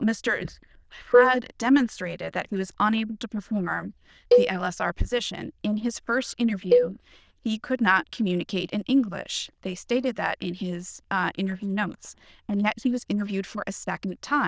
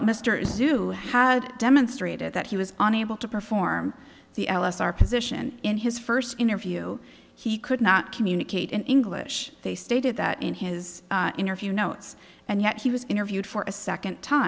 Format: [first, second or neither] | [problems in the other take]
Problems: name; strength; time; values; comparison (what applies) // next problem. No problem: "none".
second | noise reduction (neural diffusion model UNIVERSE++)